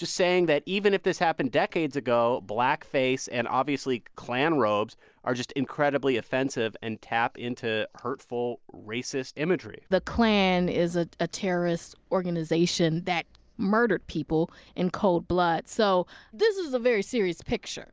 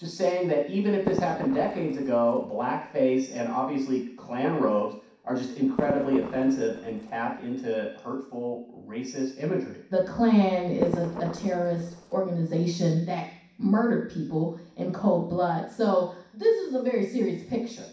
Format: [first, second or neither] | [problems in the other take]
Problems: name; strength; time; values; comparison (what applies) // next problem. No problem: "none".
first | background sound (Fireworks); 10 dB below the speech // room echo; dies away in 0.6 s